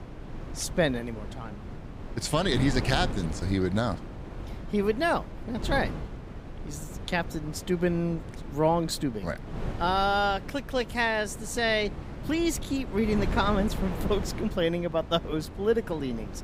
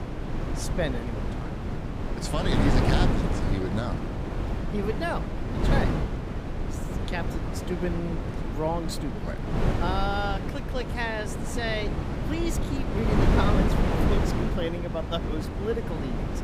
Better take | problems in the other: first | wind noise on the microphone; heavy; 1 dB below the speech; occasional gusts in the first

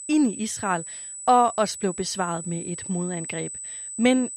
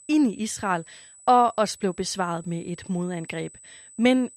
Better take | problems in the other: second | high-pitched whine; loud; throughout; 8 kHz, 9 dB below the speech; faint in the second

